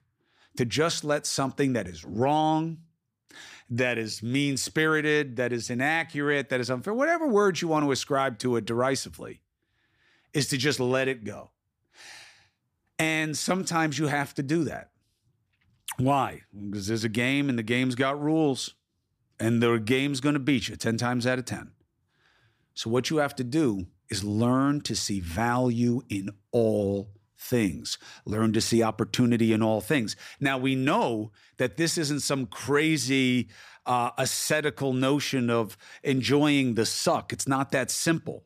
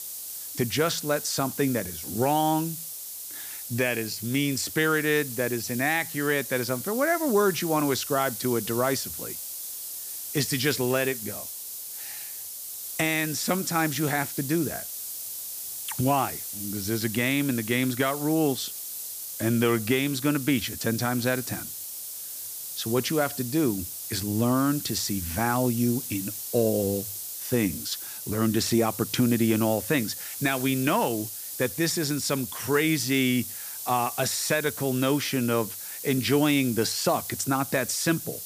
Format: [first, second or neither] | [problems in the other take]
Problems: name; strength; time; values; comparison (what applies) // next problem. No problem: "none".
first | hiss; loud; throughout; 7 dB below the speech